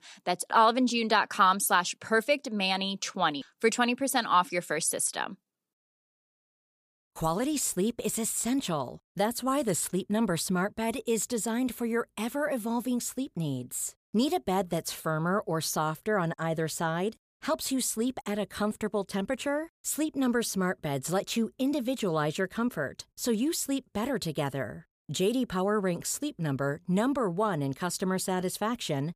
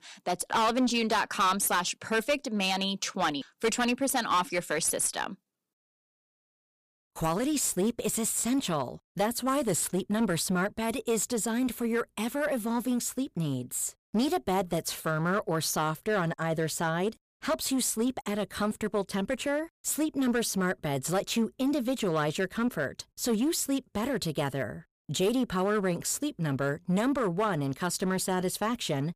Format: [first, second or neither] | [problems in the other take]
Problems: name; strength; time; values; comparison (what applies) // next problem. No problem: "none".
first | distortion; slight; 7% of the sound clipped